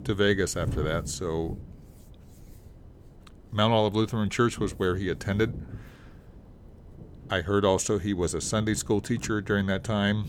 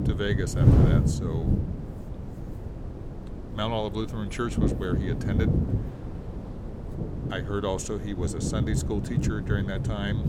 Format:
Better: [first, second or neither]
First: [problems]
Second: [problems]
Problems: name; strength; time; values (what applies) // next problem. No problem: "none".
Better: first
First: wind noise on the microphone; occasional gusts; 25 dB below the speech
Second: wind noise on the microphone; heavy; 3 dB below the speech